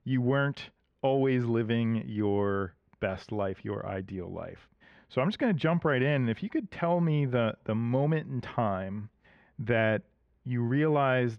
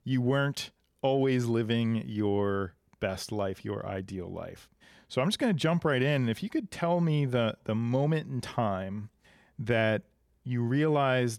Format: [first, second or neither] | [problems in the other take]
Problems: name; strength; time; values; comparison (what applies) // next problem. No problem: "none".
second | muffled; slightly; fading above 2 kHz